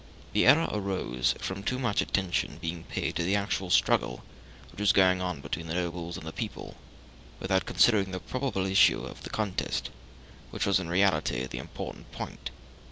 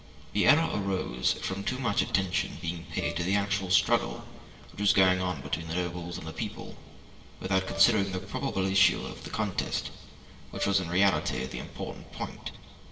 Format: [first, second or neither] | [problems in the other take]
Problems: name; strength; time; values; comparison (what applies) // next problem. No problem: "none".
first | background sound (Brass instrument); 18 dB below the speech // room echo; dies away in 2 s